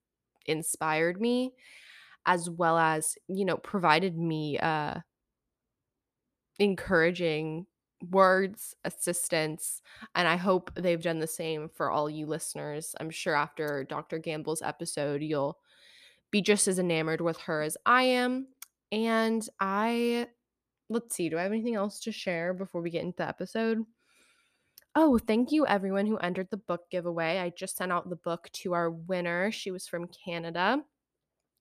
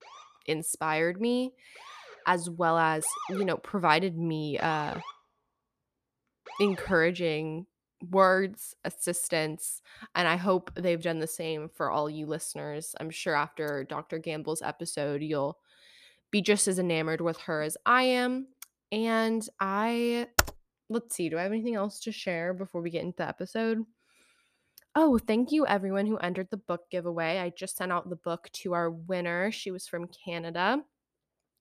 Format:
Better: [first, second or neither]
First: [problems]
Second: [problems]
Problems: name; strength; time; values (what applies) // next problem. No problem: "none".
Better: first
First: none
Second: siren; noticeable; until 7 s; peak 9 dB below the speech // keyboard typing; very faint; at 20 s; peak 2 dB above the speech